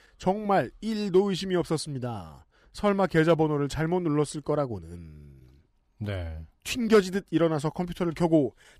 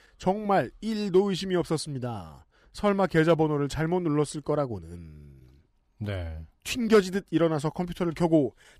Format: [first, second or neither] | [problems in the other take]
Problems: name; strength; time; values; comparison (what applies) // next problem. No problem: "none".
neither | none